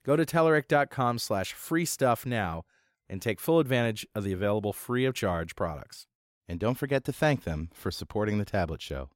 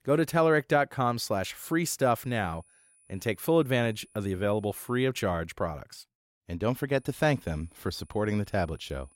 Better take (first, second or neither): first